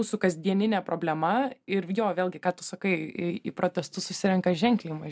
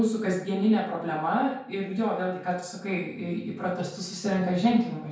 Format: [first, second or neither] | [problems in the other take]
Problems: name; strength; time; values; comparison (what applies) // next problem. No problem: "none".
first | room echo; dies away in 0.5 s